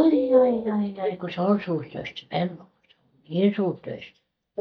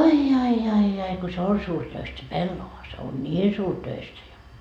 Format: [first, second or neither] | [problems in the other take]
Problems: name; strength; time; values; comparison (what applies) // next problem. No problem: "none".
second | noise reduction (neural mask model DeepFilterNet 3)